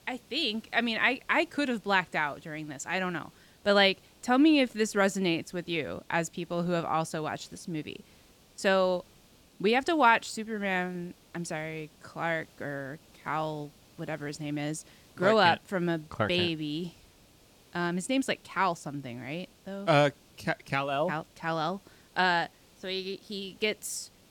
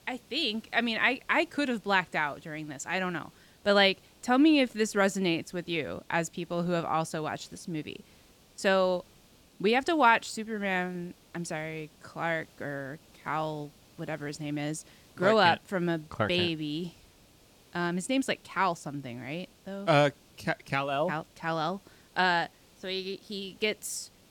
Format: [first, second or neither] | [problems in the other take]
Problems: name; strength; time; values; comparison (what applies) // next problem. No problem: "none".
neither | hiss; faint; throughout; 30 dB below the speech; the same in both